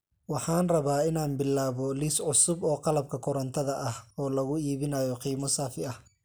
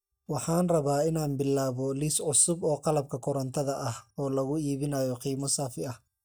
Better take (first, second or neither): first